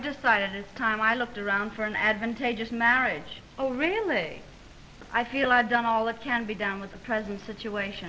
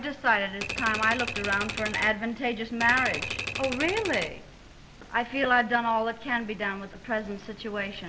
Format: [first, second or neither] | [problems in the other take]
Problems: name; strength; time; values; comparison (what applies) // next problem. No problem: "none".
first | background sound (Typewriter); 6 dB below the speech